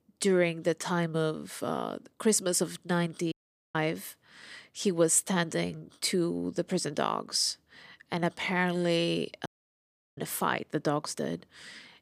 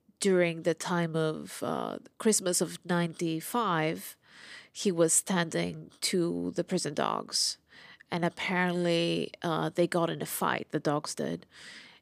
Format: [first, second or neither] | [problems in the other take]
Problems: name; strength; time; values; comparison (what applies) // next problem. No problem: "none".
second | audio cutting out; at 3.5 s and at 9.5 s for 0.5 s